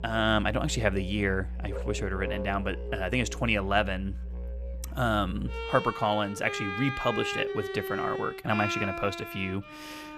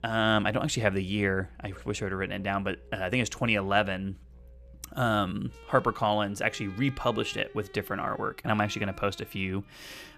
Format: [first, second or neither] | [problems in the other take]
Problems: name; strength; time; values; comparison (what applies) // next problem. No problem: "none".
second | background music; loud; throughout; 6 dB below the speech; faint in the second